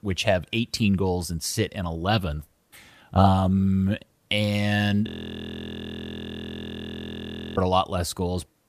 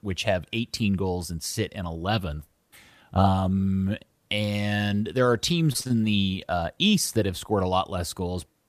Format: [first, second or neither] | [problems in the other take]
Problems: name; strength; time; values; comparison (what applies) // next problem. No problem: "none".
second | audio freezing; at 5 s for 2.5 s